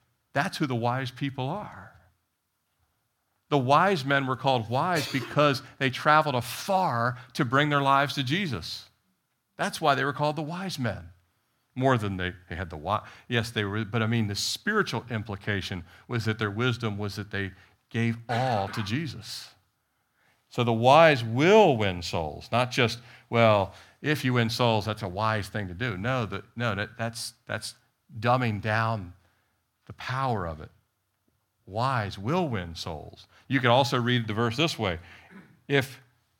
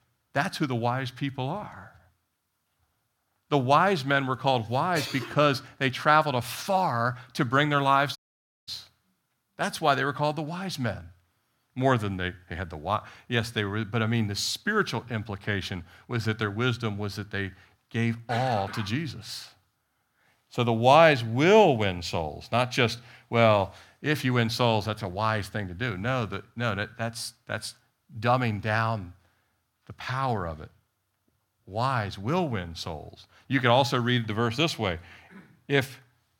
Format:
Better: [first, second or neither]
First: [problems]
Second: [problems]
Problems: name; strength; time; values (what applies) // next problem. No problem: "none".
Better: first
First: none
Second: audio cutting out; at 8 s for 0.5 s